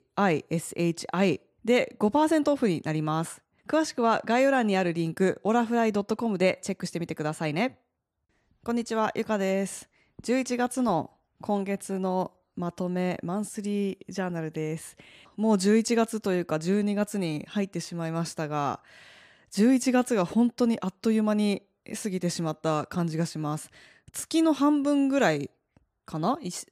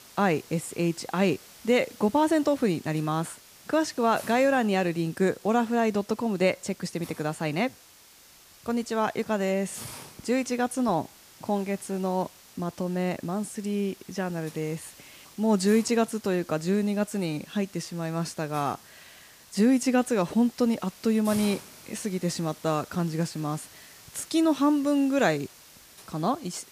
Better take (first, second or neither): first